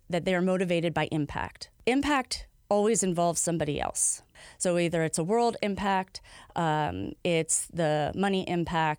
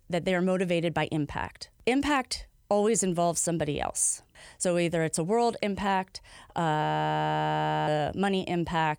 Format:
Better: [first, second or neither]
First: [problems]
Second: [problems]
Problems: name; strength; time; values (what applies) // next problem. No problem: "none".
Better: first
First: none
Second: audio freezing; at 7 s for 1 s